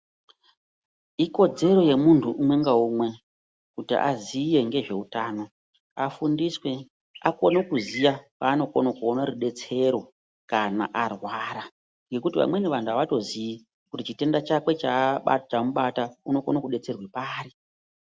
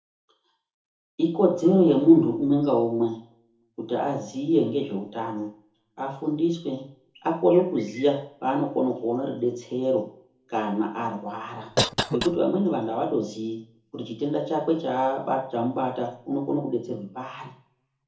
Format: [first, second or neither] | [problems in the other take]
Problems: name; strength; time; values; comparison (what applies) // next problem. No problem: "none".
first | background sound (Cough); 5 dB below the speech // room echo; dies away in 0.6 s